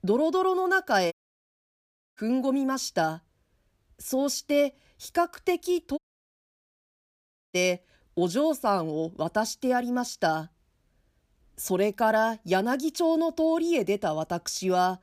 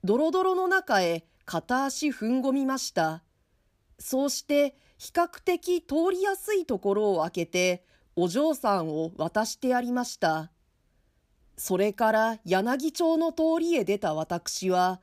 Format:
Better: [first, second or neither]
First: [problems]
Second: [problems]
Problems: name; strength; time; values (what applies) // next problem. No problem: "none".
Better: second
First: audio cutting out; at 1 s for 1 s and at 6 s for 1.5 s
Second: none